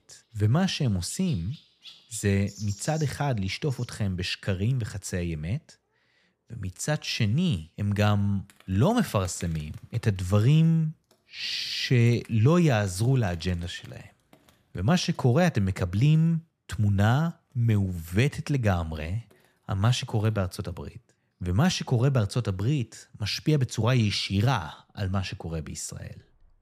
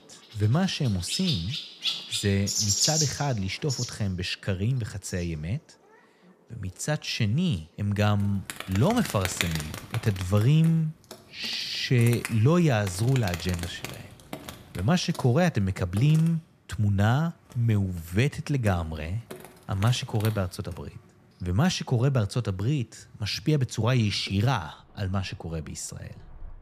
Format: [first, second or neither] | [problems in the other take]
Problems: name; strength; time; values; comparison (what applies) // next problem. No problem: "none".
first | animal sounds; loud; throughout; 6 dB below the speech; faint in the first